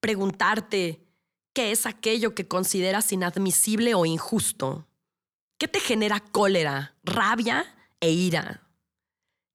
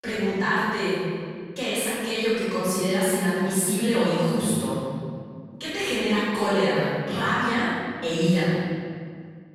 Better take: first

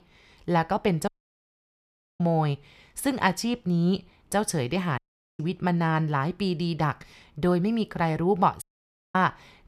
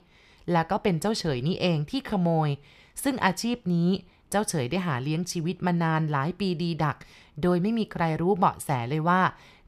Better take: second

